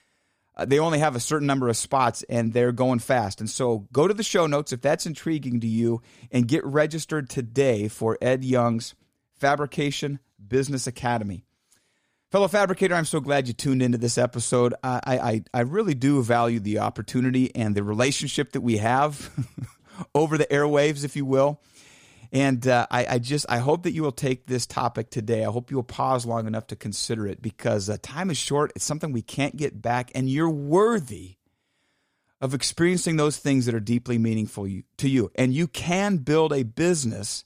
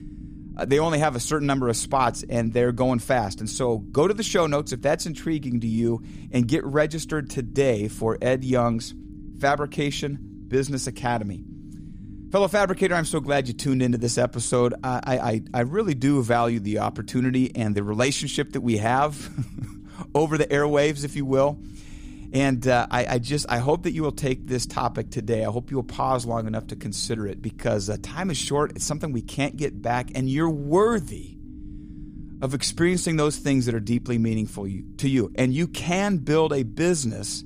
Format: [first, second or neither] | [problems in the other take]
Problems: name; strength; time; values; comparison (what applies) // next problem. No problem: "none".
first | low rumble; faint; throughout; 25 dB below the speech